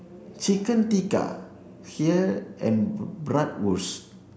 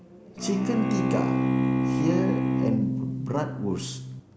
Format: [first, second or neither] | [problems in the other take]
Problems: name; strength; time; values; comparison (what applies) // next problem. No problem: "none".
first | background sound (Bowed string instrument); 4 dB above the speech